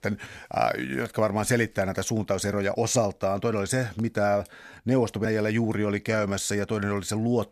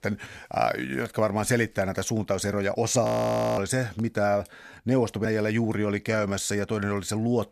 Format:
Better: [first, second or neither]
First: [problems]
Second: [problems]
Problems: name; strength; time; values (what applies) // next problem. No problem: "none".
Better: first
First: none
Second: audio freezing; at 3 s for 0.5 s